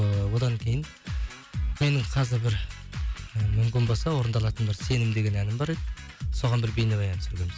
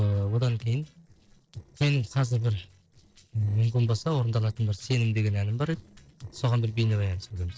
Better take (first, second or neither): first